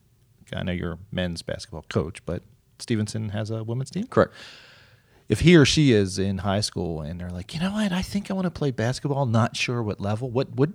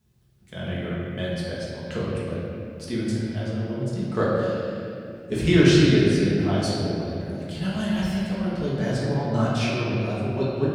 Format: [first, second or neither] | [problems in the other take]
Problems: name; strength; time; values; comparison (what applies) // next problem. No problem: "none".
first | off-mic speech; far // room echo; strong; dies away in 2.5 s